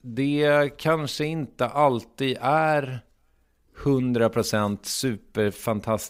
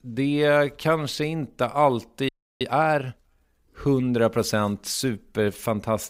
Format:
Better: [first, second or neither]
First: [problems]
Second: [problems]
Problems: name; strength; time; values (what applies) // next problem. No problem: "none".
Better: first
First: none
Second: audio freezing; at 2.5 s